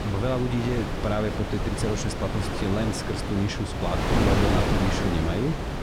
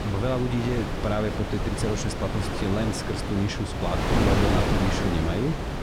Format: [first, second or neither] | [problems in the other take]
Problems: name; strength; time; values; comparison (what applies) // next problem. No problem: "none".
neither | wind noise on the microphone; heavy; 2 dB above the speech; the same in both